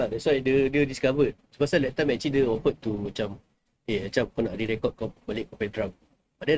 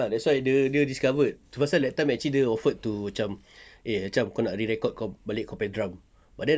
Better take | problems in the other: second | noise reduction (neural mask model RNNoise)

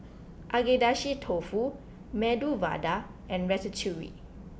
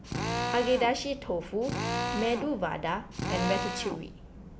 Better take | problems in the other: first | background sound (Drill); 3 dB below the speech

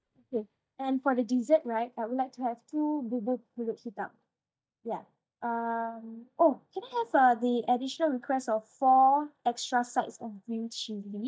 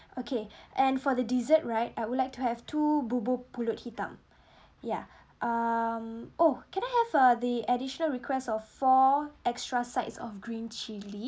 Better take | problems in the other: second | noise reduction (neural mask model DeepFilterNet 3)

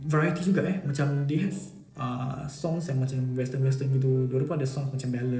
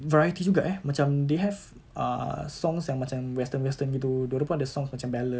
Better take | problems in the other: second | noise reduction (neural separator model SepFormer DNS4)

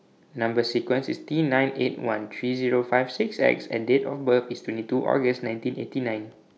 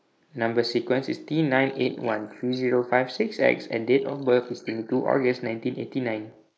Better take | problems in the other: first | noise reduction (neural mask model Resemble Enhance denoiser)

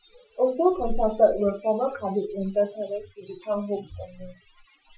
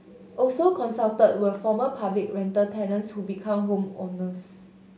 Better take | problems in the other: second | noise reduction (classical method Wiener filter)

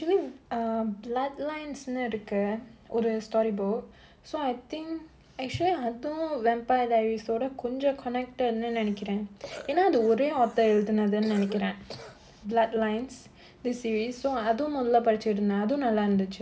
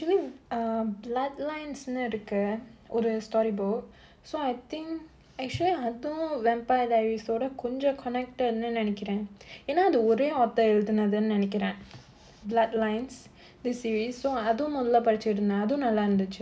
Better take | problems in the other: second | background sound (Cough); 18 dB below the speech

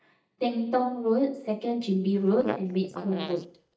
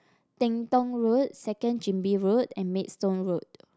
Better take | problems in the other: second | noise reduction (neural mask model DeepFilterNet 3)

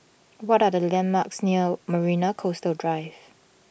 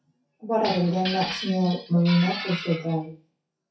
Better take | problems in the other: first | noise reduction (classical method WPE with log-MMSE)

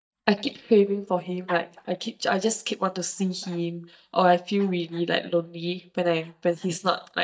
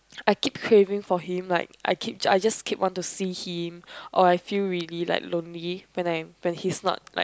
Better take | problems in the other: second | noise reduction (neural mask model DeepFilterNet 3)

